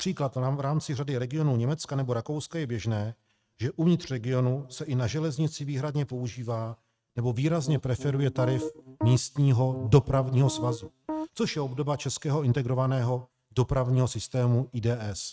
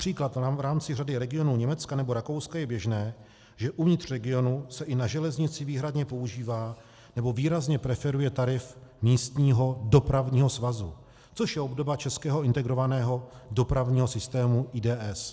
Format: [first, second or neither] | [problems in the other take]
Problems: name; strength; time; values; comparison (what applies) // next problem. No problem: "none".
second | noise reduction (neural mask model RNNoise)